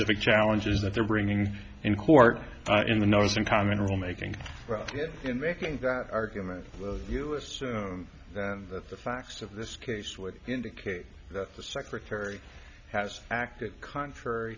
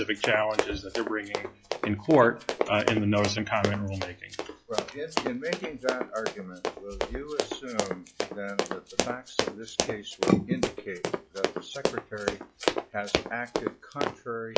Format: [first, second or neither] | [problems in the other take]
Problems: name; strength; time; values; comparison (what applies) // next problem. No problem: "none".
first | noise reduction (classical method log-MMSE)